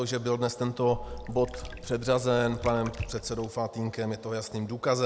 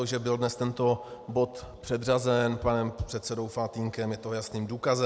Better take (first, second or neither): second